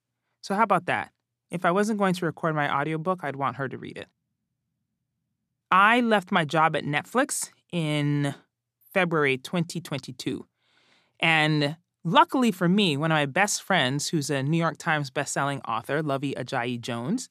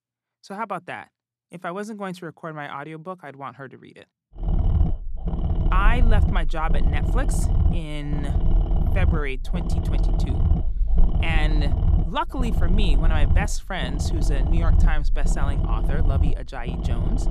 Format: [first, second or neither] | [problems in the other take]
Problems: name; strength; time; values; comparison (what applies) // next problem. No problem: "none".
first | low rumble; loud; from 4.5 s on; 7 dB below the speech